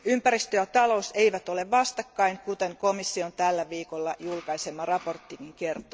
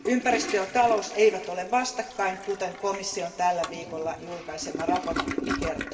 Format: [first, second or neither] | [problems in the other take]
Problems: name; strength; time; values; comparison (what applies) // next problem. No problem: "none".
first | background sound (Toilet flush); 8 dB below the speech // room echo; dies away in 2.1 s